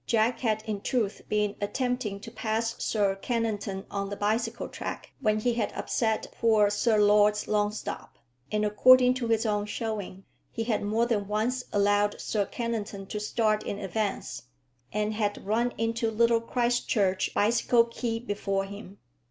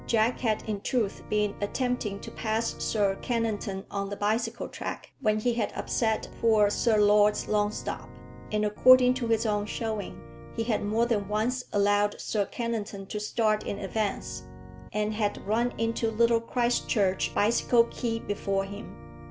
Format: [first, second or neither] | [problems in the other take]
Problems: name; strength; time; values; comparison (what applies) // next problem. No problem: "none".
first | background sound (Organ); 17 dB below the speech